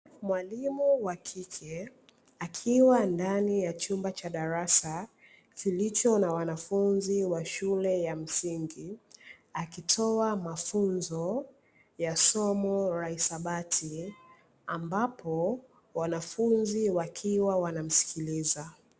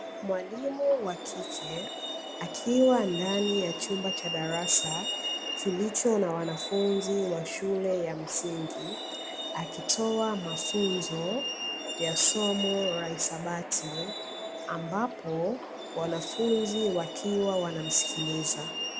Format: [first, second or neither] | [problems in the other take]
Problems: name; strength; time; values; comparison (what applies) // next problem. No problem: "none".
first | background sound (Truck); 6 dB below the speech